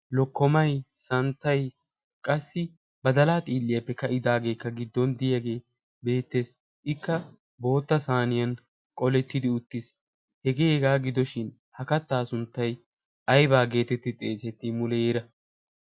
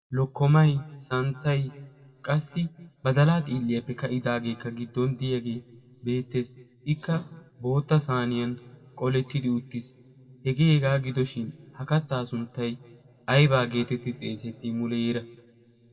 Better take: first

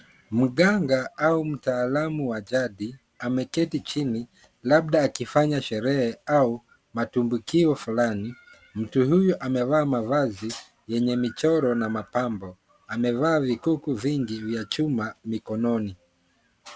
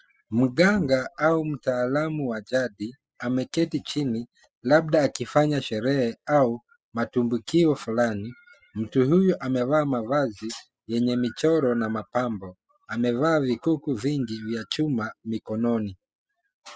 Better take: first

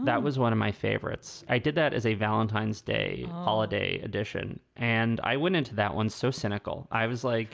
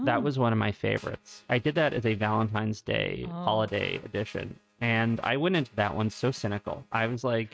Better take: first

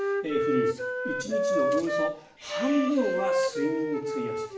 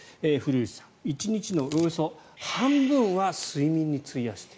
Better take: second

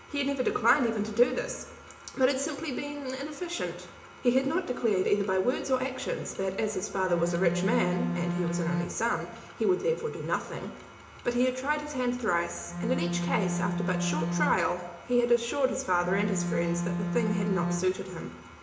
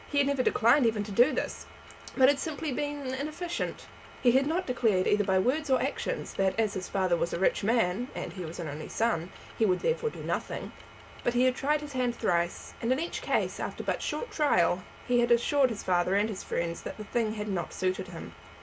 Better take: second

